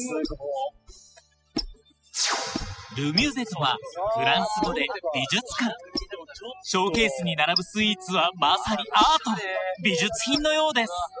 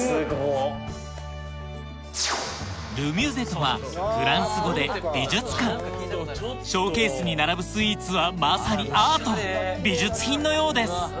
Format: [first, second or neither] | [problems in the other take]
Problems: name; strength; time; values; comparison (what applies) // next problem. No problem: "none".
second | noise reduction (classical method spectral subtraction)